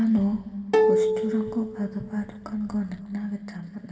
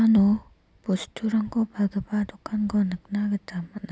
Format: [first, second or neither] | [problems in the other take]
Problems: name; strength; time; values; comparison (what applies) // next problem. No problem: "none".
second | background sound (Plucked string instrument); 2 dB above the speech // room echo; dies away in 2 s